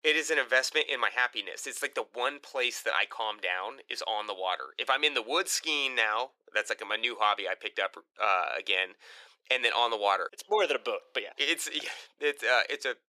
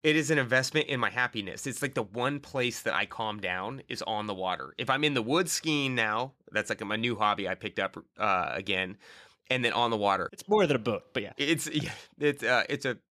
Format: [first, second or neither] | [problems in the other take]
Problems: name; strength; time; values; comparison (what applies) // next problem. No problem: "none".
second | thin; very; fading below 450 Hz